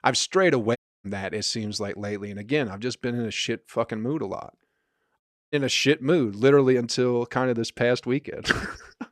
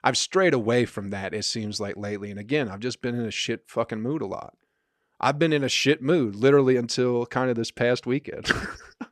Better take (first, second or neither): second